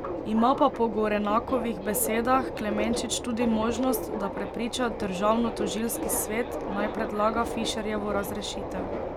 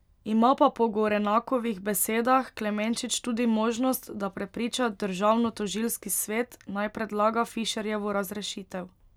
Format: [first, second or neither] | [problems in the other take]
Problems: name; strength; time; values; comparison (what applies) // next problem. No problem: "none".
second | background sound (Subway, metro, underground); 5 dB below the speech